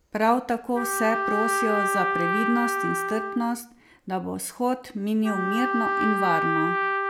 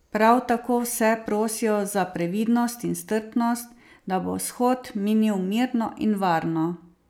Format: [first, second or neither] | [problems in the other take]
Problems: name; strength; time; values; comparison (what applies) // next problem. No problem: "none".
second | background sound (Trumpet); 1 dB below the speech